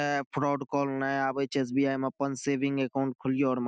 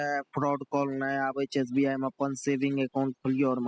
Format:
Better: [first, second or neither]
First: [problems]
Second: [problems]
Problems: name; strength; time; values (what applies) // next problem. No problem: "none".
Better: first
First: none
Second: noise reduction (classical method spectral subtraction)